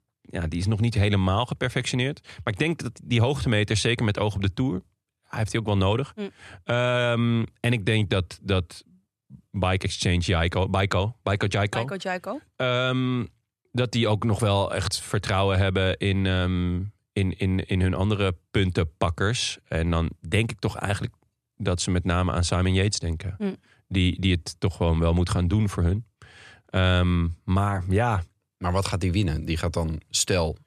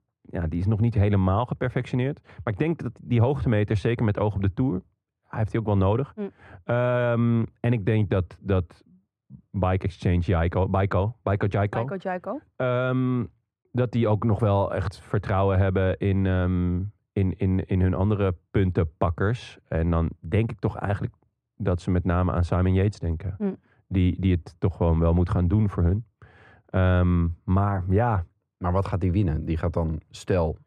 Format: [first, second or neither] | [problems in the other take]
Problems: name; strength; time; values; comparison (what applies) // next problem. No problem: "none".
first | muffled; very; fading above 2.5 kHz